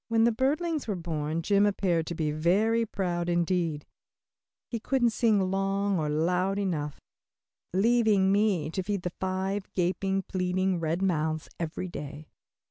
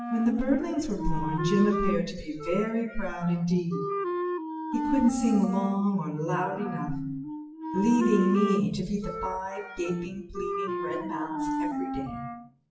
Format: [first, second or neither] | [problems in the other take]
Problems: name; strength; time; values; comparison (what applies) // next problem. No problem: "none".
first | noise reduction (classical method WPE with log-MMSE)